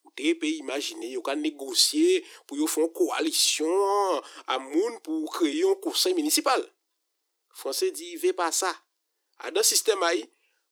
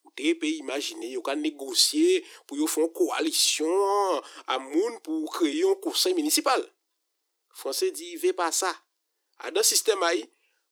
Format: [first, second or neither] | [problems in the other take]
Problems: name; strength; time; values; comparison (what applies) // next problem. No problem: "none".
neither | thin; somewhat; fading below 300 Hz; the same in both